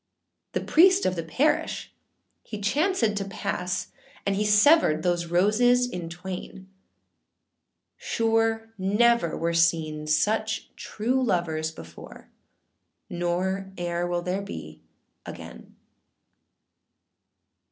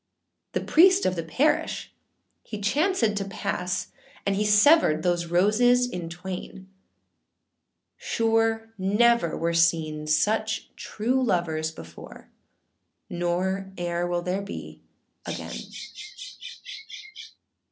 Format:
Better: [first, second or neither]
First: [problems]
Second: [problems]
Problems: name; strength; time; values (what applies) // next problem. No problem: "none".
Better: first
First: none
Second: background sound (Bird vocalization, bird call, bird song); 12 dB below the speech